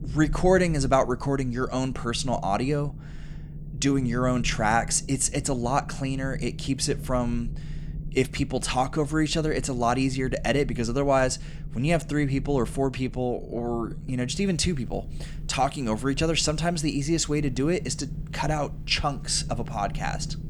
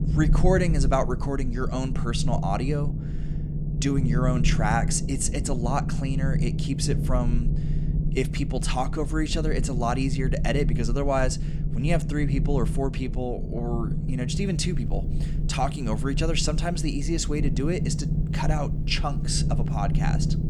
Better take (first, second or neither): first